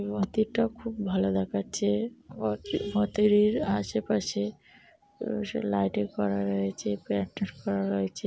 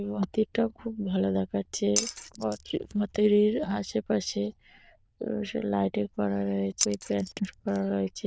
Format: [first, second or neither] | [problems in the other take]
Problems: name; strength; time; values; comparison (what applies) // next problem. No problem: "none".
first | noise reduction (neural diffusion model UNIVERSE++)